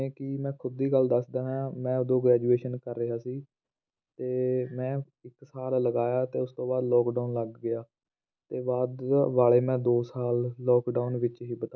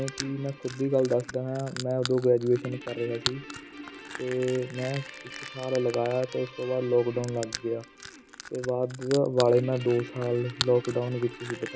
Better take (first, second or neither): first